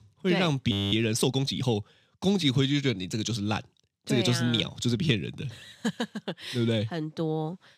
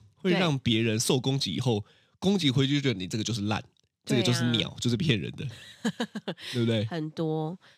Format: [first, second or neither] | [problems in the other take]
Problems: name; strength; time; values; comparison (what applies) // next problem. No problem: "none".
second | audio freezing; at 0.5 s